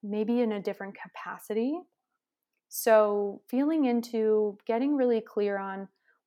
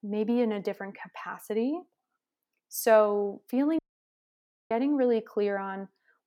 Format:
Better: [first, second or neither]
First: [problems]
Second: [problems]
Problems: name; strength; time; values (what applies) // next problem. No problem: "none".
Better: first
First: none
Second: audio cutting out; at 4 s for 1 s